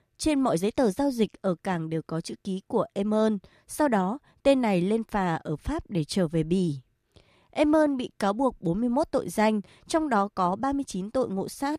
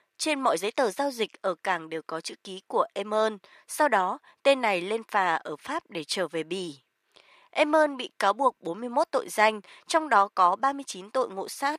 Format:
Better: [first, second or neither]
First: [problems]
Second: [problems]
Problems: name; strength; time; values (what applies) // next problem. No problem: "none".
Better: first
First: none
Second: thin; somewhat; fading below 500 Hz